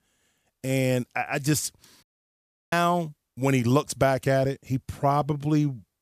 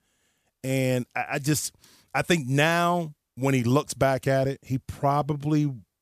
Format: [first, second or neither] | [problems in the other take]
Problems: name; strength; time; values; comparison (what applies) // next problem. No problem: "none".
second | audio cutting out; at 2 s for 0.5 s